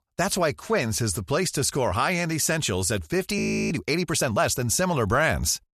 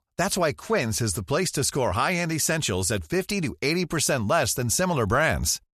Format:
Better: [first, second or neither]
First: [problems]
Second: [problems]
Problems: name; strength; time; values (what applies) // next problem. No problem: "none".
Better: second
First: audio freezing; at 3.5 s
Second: none